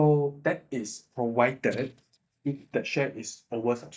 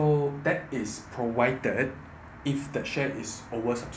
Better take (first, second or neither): second